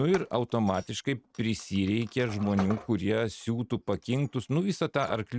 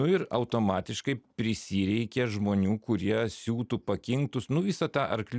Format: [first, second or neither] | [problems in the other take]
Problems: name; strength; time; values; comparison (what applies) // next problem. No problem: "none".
second | noise reduction (neural mask model RNNoise)